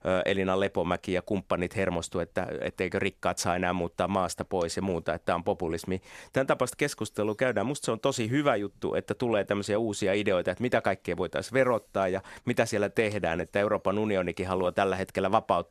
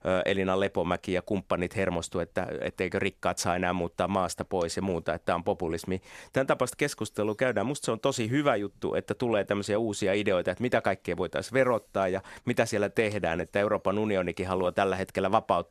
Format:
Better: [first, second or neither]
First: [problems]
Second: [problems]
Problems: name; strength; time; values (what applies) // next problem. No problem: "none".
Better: neither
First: none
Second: none